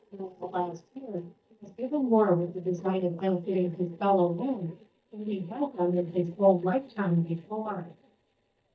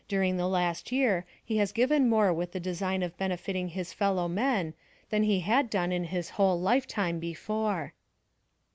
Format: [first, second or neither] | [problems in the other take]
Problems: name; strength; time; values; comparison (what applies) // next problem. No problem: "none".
second | noise reduction (neural mask model DeepFilterNet 3)